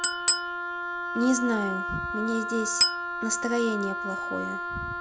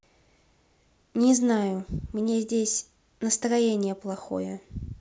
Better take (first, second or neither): second